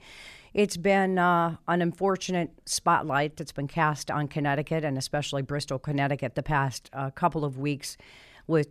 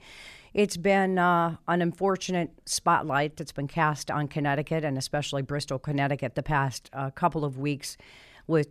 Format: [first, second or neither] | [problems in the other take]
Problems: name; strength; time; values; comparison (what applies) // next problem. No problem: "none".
neither | none